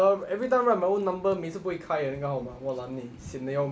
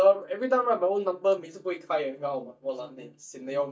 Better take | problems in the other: first | noise reduction (neural mask model DeepFilterNet 3)

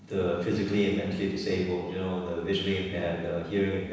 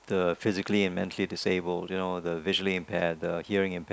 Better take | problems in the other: second | room echo; dies away in 1.1 s

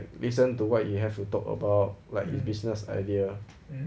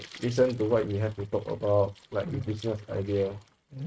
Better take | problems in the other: first | noise reduction (neural mask model RNNoise)

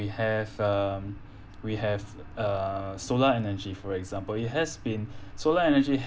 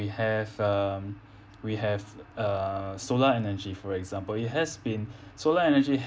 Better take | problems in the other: second | background sound (Thunder); 16 dB below the speech

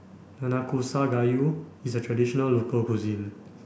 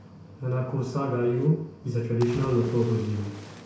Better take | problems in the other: first | background sound (Cricket / Waves, surf); 18 dB below the speech // room echo; dies away in 0.6 s

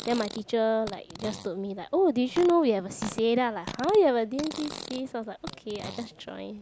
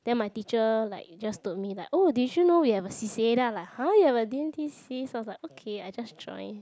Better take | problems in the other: second | background sound (Fart); 15 dB below the speech

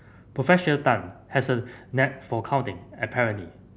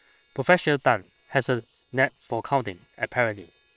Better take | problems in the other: first | noise reduction (neural separator model SepFormer WHAM!)

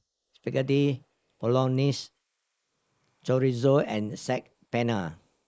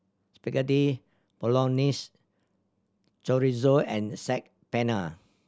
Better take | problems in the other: second | noise reduction (neural mask model Resemble Enhance denoiser)

